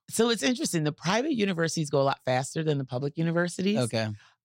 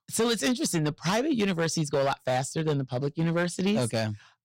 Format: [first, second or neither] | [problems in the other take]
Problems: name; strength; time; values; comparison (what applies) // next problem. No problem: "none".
first | distortion; slight; 8% of the sound clipped